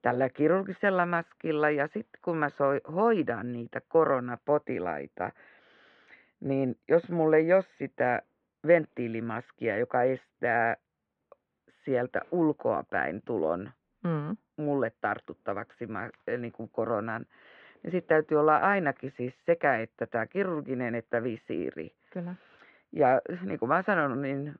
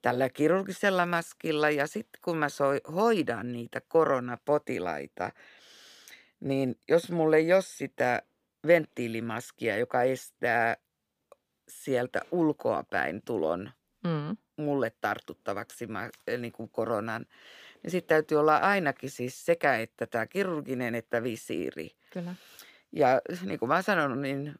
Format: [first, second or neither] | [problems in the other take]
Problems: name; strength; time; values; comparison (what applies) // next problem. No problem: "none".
second | muffled; very; fading above 2 kHz